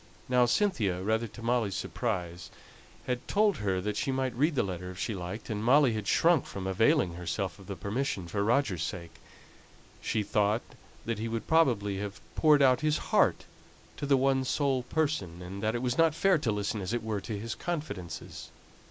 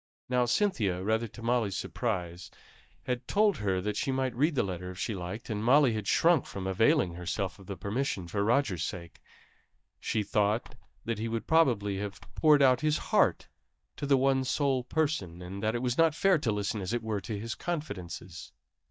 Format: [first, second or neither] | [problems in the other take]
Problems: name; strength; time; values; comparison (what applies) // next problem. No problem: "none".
first | noise reduction (neural mask model DeepFilterNet 3)